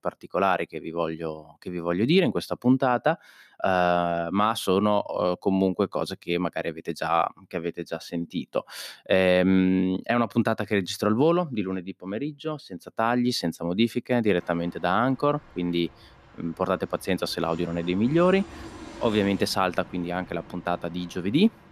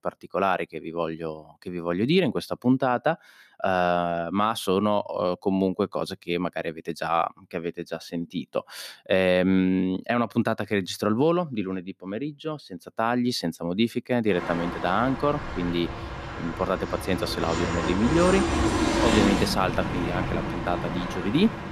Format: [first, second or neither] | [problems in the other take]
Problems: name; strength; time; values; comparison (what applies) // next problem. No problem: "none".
first | train or aircraft noise; loud; from 14 s on; 2 dB below the speech; faint in the first